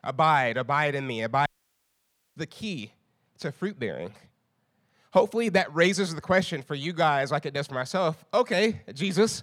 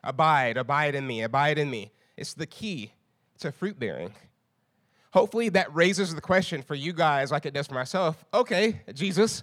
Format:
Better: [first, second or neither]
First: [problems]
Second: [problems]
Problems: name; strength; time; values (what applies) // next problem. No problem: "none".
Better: second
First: audio cutting out; at 1.5 s for 1 s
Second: none